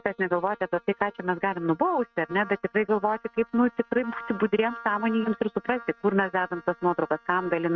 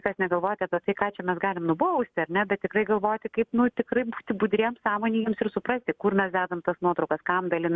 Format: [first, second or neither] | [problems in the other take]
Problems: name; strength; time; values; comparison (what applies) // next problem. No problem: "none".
second | noise reduction (neural mask model RNNoise)